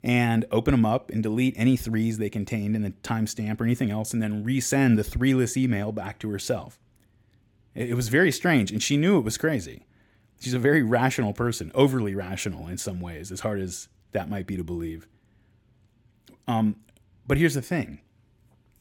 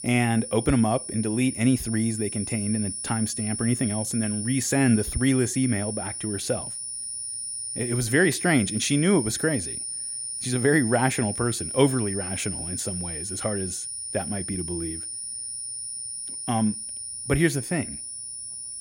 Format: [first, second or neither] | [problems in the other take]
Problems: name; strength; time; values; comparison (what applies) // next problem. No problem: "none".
first | high-pitched whine; loud; throughout; 9.5 kHz, 5 dB below the speech